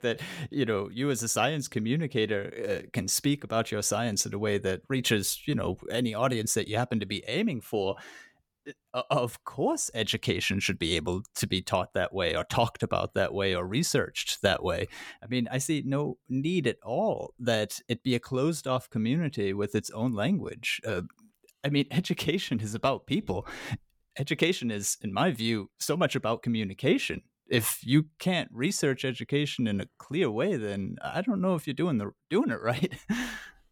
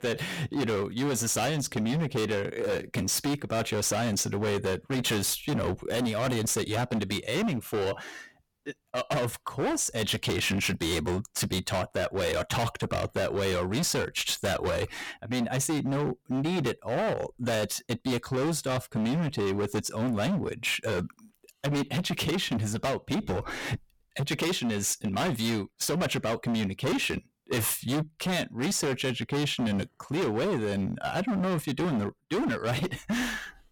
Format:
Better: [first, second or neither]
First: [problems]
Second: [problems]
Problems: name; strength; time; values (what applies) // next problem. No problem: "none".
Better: first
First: none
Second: distortion; heavy; 25% of the sound clipped